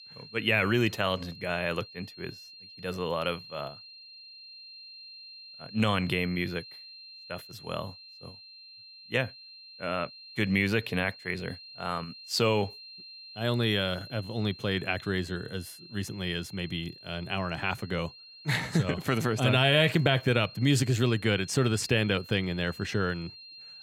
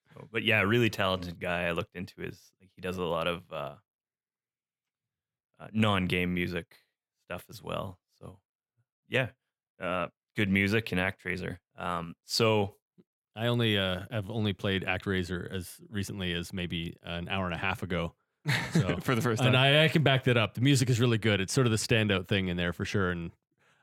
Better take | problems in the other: second | high-pitched whine; noticeable; throughout; 4 kHz, 15 dB below the speech

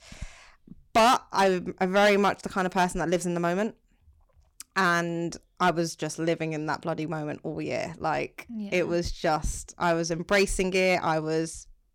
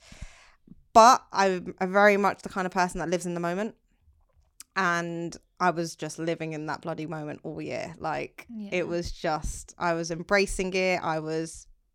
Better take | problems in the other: second | distortion; heavy; 3% of the sound clipped

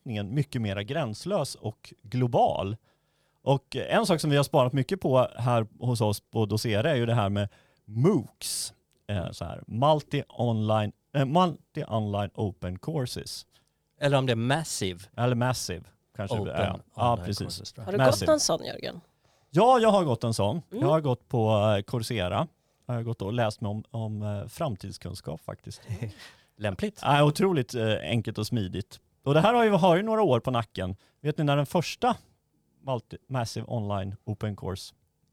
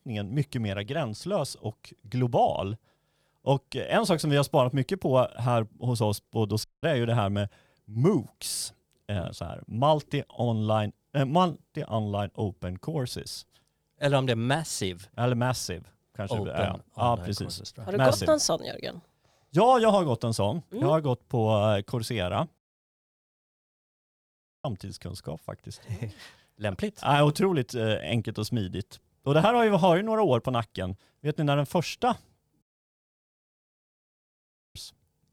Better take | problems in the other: first | audio cutting out; at 6.5 s, at 23 s for 2 s and at 33 s for 2 s

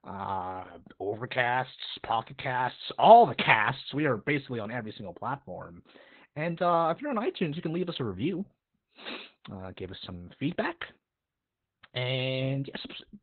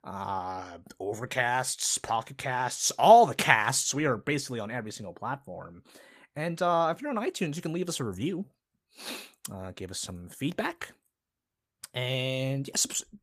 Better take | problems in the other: second | garbled, watery; badly; nothing above 4 kHz; slightly in the second

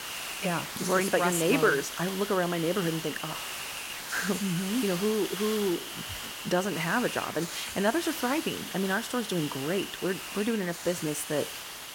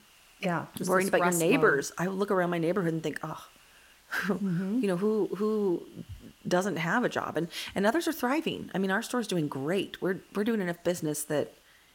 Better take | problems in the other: second | hiss; loud; throughout; 6 dB below the speech; faint in the second

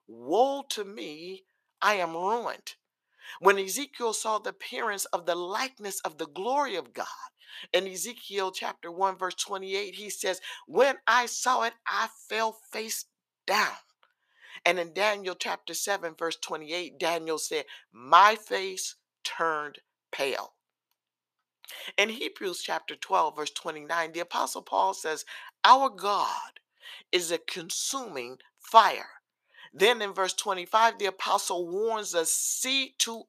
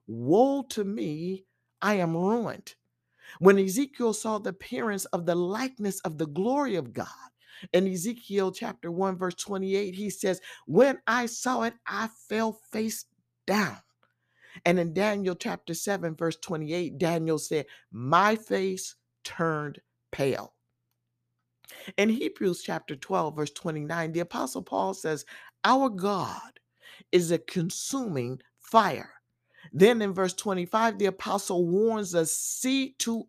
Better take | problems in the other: second | thin; very; fading below 600 Hz

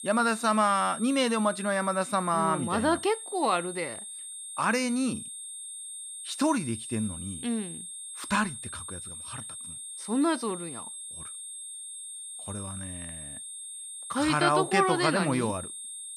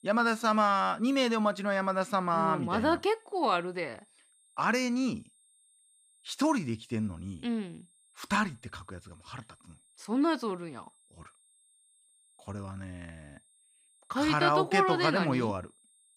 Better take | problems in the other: second | high-pitched whine; loud; throughout; 8.5 kHz, 10 dB below the speech; faint in the second

